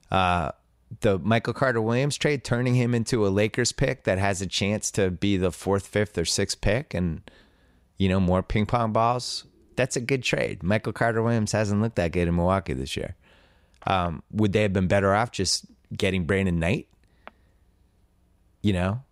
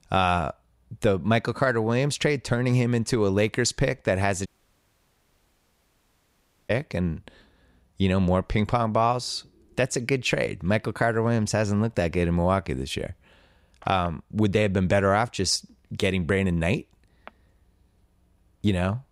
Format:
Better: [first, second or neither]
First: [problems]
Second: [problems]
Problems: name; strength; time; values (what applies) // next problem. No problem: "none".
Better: first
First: none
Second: audio cutting out; at 4.5 s for 2 s